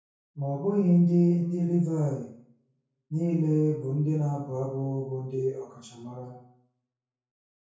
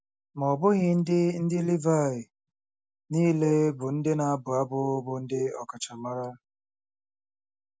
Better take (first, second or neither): second